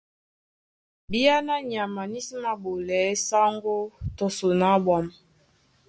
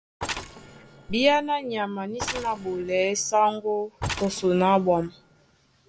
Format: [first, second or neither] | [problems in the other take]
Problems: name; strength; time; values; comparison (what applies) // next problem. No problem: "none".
first | background sound (Mechanisms); 13 dB below the speech